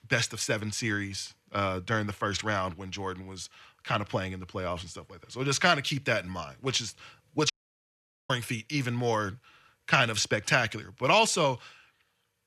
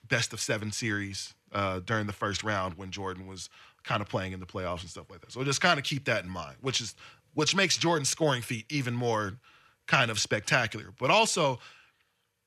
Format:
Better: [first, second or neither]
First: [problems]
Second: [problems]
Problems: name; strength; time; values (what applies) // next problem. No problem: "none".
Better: second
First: audio cutting out; at 7.5 s for 1 s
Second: none